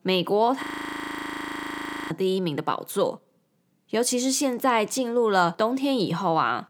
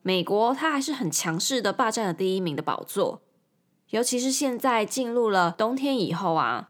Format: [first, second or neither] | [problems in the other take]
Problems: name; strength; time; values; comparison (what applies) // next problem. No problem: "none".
second | audio freezing; at 0.5 s for 1.5 s